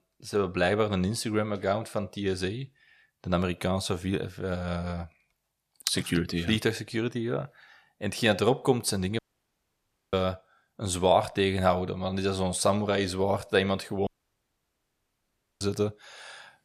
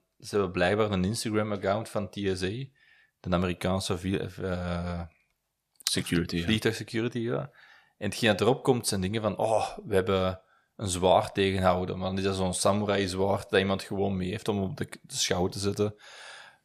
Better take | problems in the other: second | audio cutting out; at 9 s for 1 s and at 14 s for 1.5 s

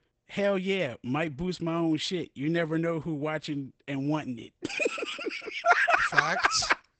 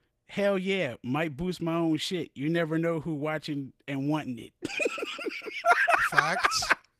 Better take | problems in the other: second | garbled, watery; badly; nothing above 8 kHz; slightly in the second

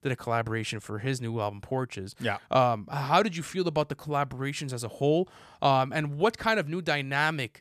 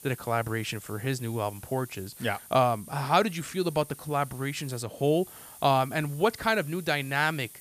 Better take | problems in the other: first | hiss; noticeable; throughout; 15 dB below the speech

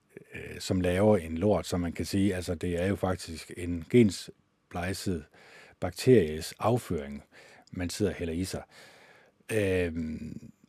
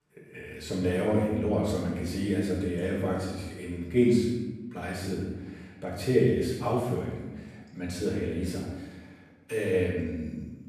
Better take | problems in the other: first | off-mic speech; far // room echo; strong; dies away in 1.1 s

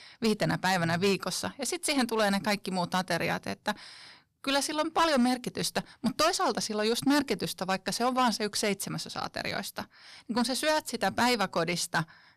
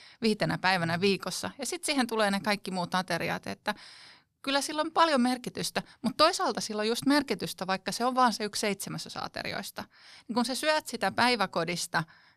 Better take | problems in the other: second | distortion; slight; 5% of the sound clipped

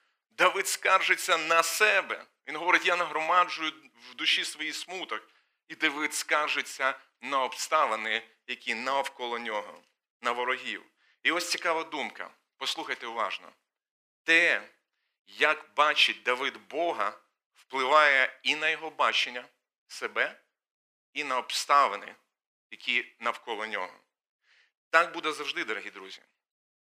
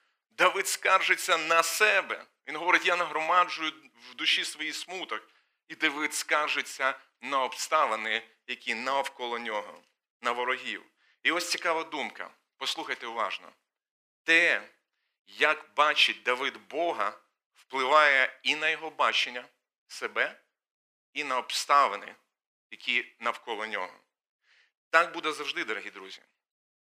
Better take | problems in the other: neither | thin; very; fading below 650 Hz; the same in both

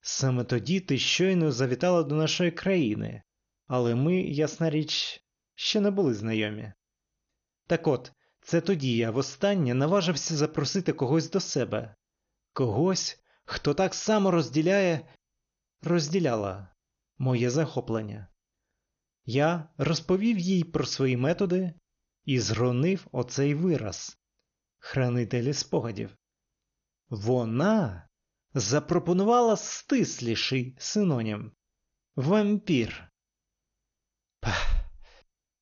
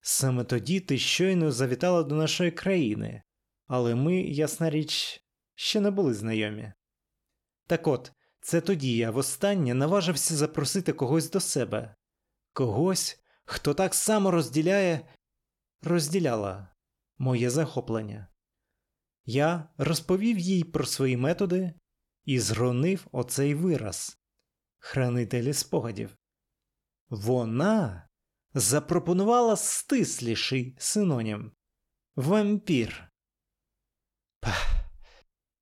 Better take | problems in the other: second | garbled, watery; slightly; nothing above 6.5 kHz

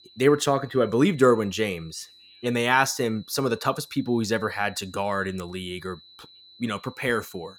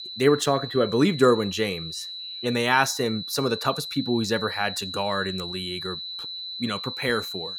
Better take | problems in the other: first | high-pitched whine; loud; throughout; 4 kHz, 8 dB below the speech; faint in the first

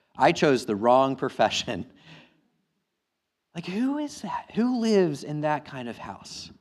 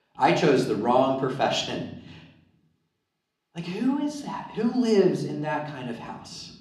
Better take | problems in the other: first | room echo; slight; dies away in 0.6 s // off-mic speech; somewhat distant

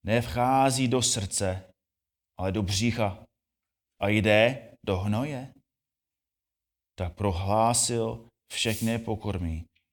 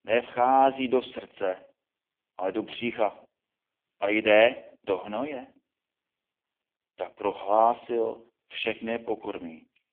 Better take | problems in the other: first | phone-call audio; poor line; nothing above 3.5 kHz

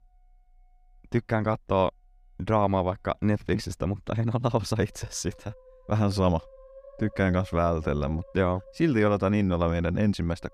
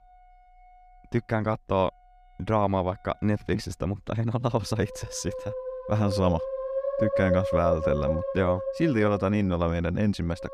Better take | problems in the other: first | background music; loud; throughout; 3 dB below the speech; faint in the first

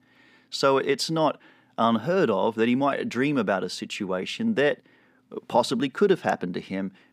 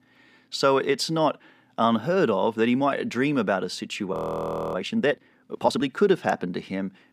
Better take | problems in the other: first | audio freezing; at 4 s for 0.5 s

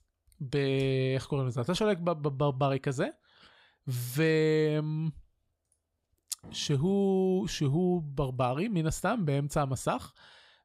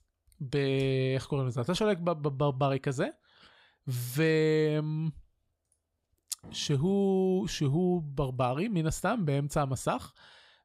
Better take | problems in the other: neither | none

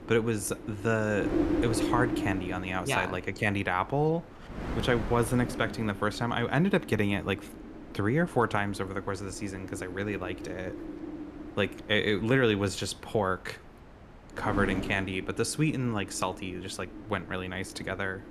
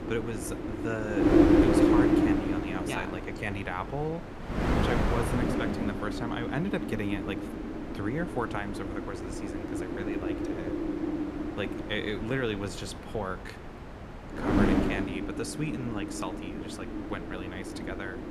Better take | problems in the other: first | wind noise on the microphone; heavy; 4 dB above the speech; occasional gusts in the first

